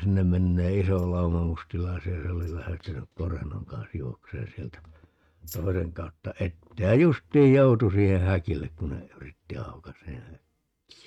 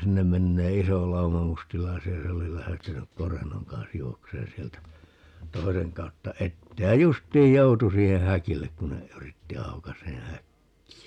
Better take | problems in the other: second | noise reduction (neural mask model RNNoise)

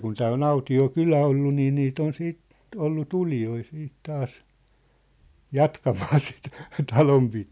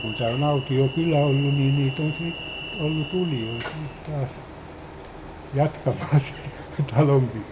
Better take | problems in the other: first | background sound (Train); 12 dB below the speech // room echo; dies away in 1.1 s

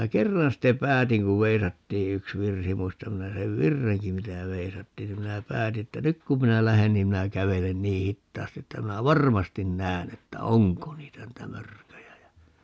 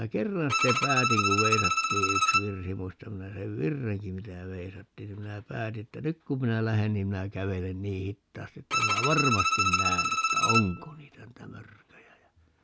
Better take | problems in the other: first | background sound (Bowed string instrument); 4 dB above the speech

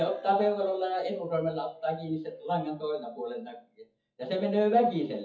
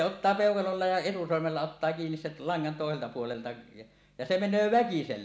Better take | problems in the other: second | noise reduction (classical method WPE with log-MMSE)

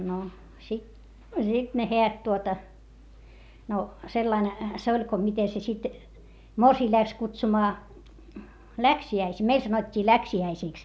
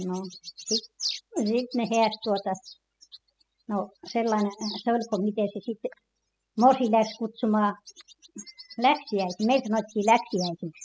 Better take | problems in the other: first | noise reduction (classical method spectral subtraction)

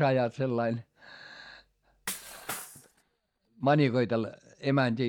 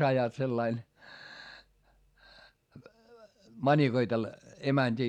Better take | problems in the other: second | noise reduction (neural mask model DeepFilterNet 3)

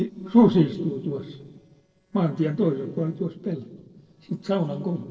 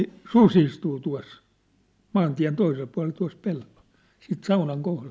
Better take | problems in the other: second | noise reduction (neural separator model SepFormer DNS4)

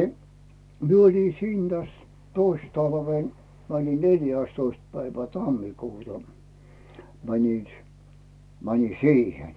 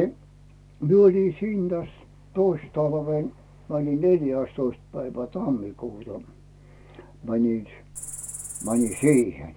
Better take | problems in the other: first | background sound (Cricket); 11 dB below the speech

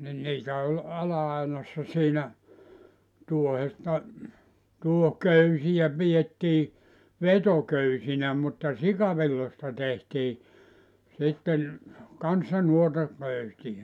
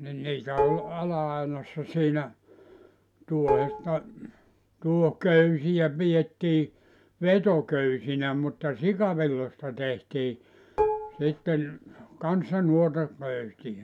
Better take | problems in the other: first | background sound (Dishes, pots, and pans); 4 dB below the speech

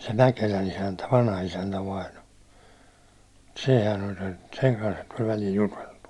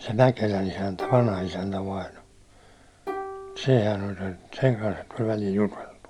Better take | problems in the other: first | background sound (Plucked string instrument); 13 dB below the speech

